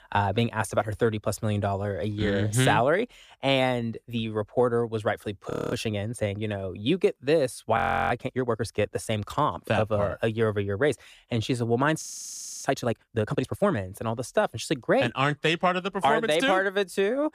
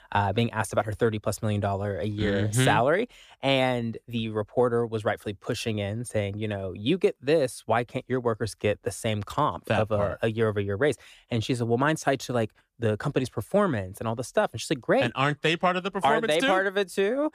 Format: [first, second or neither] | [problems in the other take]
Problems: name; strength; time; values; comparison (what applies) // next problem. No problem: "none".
second | audio freezing; at 5.5 s, at 8 s and at 12 s for 0.5 s